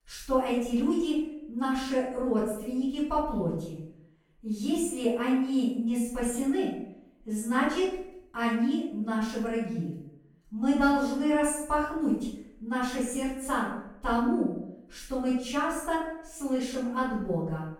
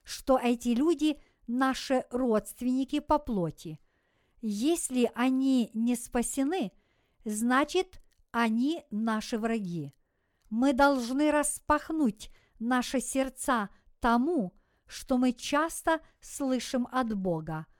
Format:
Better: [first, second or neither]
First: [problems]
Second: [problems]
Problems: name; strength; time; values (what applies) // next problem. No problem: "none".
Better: second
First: off-mic speech; far // room echo; noticeable; dies away in 0.6 s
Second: none